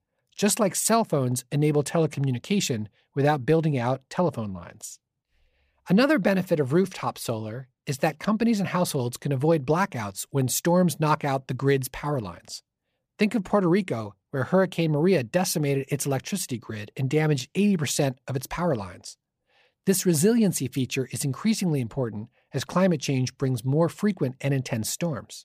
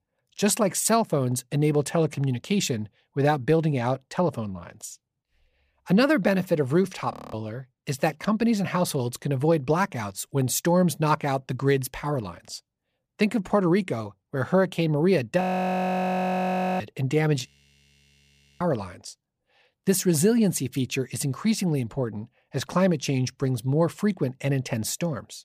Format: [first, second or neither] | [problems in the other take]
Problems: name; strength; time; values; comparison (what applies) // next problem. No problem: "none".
first | audio freezing; at 7 s, at 15 s for 1.5 s and at 17 s for 1 s